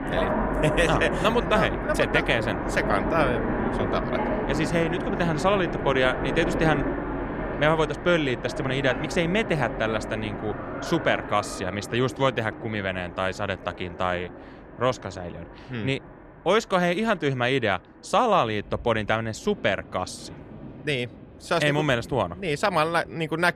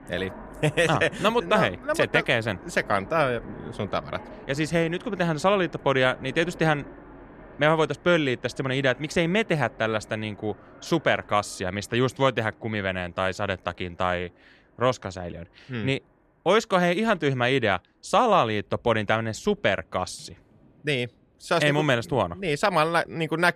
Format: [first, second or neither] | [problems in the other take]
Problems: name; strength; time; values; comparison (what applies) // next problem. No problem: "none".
second | train or aircraft noise; loud; throughout; 5 dB below the speech; faint in the second